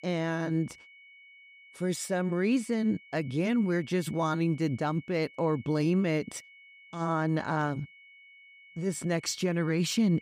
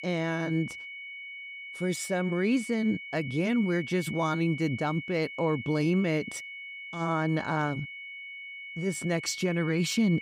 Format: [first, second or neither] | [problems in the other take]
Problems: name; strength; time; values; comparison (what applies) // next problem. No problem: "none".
first | high-pitched whine; loud; throughout; 2 kHz, 10 dB below the speech; faint in the first